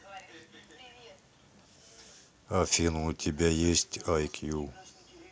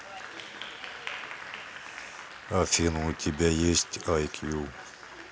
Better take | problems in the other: first | background sound (Applause); 12 dB below the speech

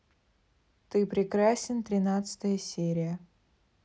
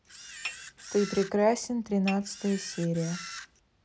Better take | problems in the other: first | background sound (Dishes, pots, and pans / Chink, clink + Camera); 12 dB below the speech

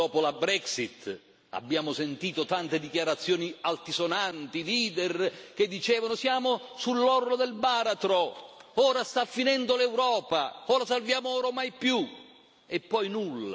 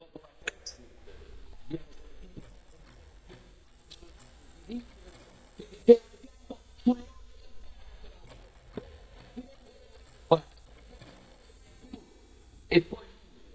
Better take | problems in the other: first | noise reduction (neural mask model DeepFilterNet 3)

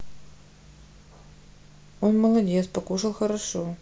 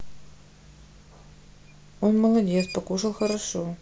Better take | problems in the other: first | background sound (Squeak); 20 dB below the speech

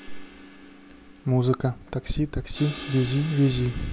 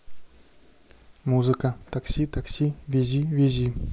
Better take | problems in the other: second | background sound (Crash cymbal); 16 dB below the speech

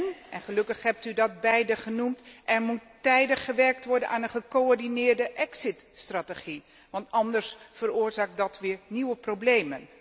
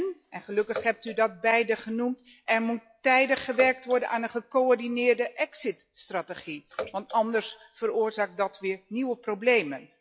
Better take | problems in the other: first | noise reduction (classical method log-MMSE)

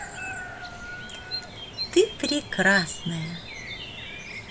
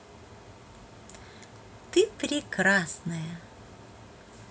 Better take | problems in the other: second | background sound (Bird vocalization, bird call, bird song); 8 dB below the speech

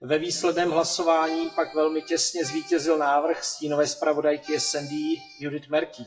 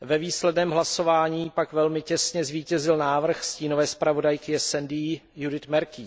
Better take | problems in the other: second | noise reduction (classical method WPE with log-MMSE)

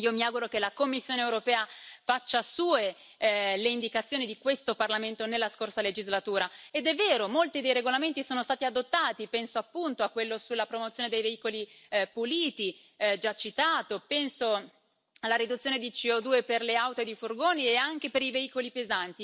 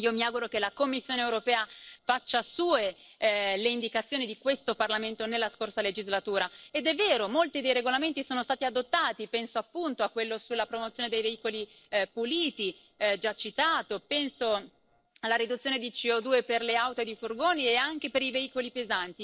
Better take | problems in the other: first | noise reduction (neural separator model SepFormer DNS4)

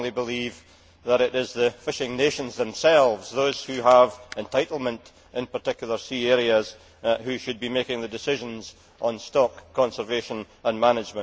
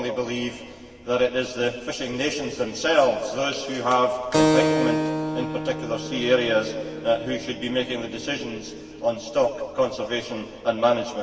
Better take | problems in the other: first | background sound (Keyboard (musical)); 5 dB below the speech // room echo; dies away in 2.4 s

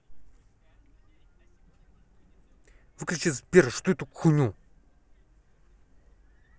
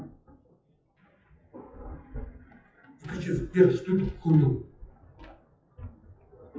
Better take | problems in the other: first | noise reduction (classical method WPE with log-MMSE)

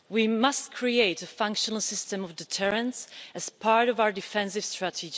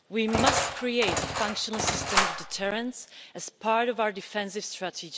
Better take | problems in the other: first | background sound (Engine); 1 dB above the speech

